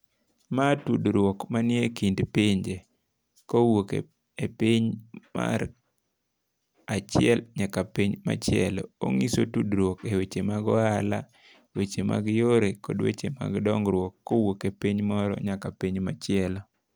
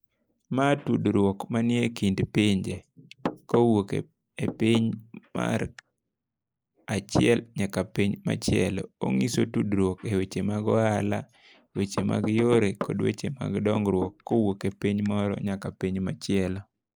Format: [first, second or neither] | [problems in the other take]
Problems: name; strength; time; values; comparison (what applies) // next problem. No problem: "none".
first | noise reduction (neural mask model Resemble Enhance denoiser)